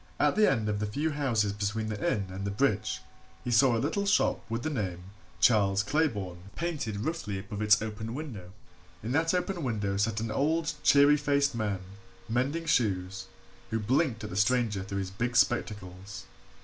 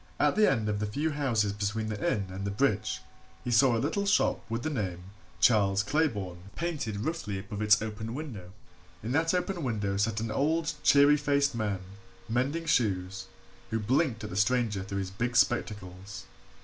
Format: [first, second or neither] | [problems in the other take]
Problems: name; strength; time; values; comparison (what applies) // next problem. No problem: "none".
second | background sound (Tambourine); 14 dB below the speech